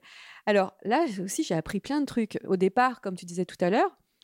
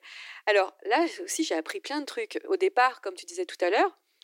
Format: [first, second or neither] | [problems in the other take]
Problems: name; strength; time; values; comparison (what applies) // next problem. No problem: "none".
first | thin; very; fading below 300 Hz